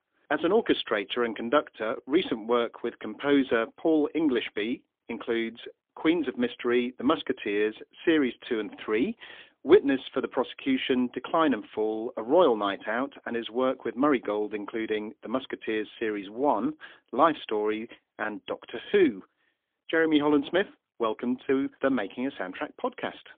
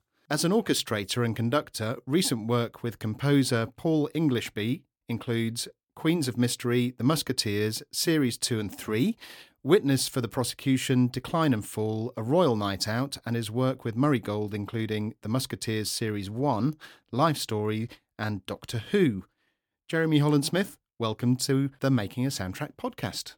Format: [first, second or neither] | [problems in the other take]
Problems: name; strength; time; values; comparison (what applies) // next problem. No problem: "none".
second | phone-call audio; poor line; nothing above 3.5 kHz